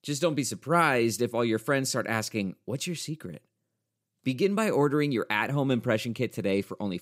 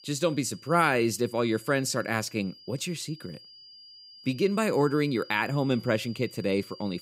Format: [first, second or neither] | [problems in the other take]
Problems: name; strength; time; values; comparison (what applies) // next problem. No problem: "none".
first | high-pitched whine; faint; throughout; 5 kHz, 20 dB below the speech